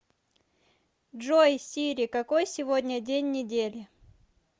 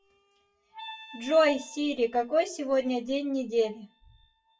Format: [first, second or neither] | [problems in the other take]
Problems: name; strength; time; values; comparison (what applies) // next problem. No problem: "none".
first | noise reduction (classical method WPE with log-MMSE)